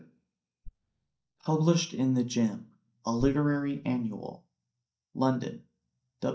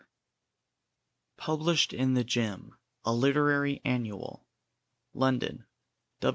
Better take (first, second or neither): second